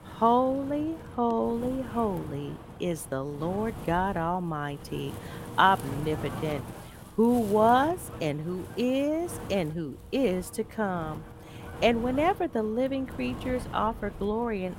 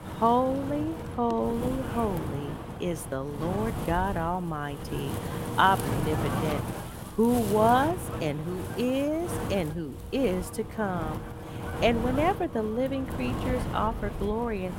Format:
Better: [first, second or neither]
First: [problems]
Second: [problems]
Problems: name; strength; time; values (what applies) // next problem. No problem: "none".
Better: first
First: wind noise on the microphone; occasional gusts; 15 dB below the speech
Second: wind noise on the microphone; heavy; 9 dB below the speech